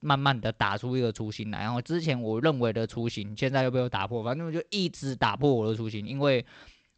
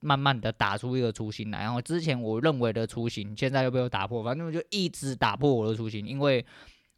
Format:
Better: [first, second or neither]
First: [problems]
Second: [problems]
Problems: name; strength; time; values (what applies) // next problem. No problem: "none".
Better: second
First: garbled, watery; slightly; nothing above 8 kHz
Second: none